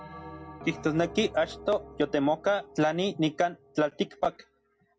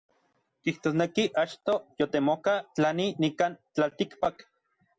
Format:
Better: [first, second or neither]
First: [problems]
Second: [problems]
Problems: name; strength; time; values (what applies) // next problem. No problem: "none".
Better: second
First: background sound (Bell); 18 dB below the speech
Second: none